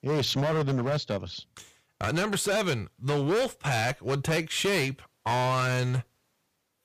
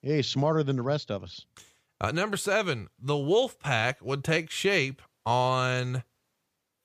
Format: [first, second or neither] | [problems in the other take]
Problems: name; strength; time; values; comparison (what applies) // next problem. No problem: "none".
second | distortion; heavy; 16% of the sound clipped